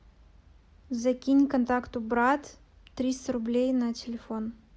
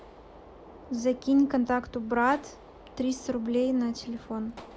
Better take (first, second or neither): first